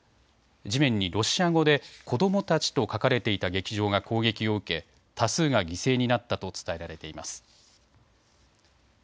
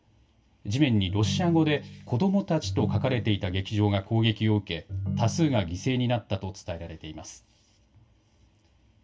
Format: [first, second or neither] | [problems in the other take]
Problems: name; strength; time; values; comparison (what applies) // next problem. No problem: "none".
first | background sound (Ringtone); 7 dB below the speech // room echo; dies away in 0.2 s